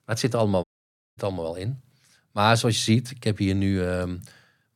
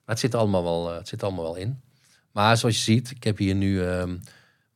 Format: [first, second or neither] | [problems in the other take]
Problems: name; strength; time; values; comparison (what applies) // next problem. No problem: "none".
second | audio cutting out; at 0.5 s for 0.5 s